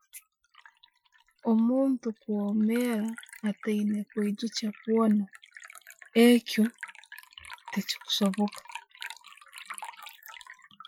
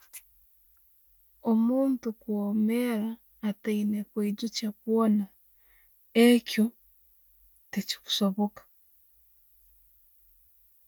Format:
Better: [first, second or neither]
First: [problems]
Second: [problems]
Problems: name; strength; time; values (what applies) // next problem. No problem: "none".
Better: second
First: noise reduction (classical method Wiener filter)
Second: none